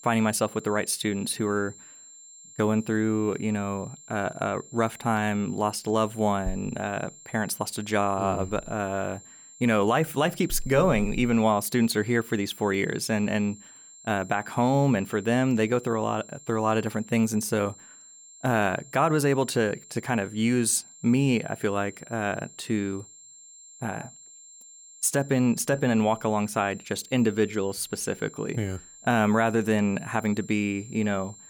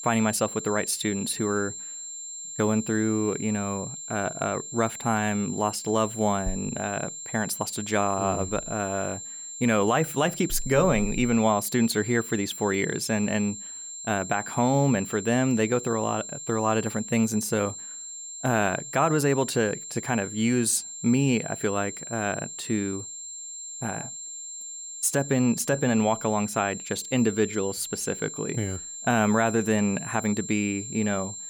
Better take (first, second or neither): first